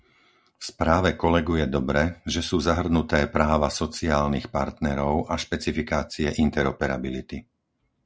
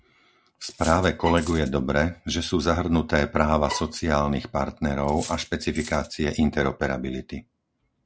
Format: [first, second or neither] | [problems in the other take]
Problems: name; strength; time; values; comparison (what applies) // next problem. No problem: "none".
first | background sound (Bowed string instrument + Cutlery, silverware); 14 dB below the speech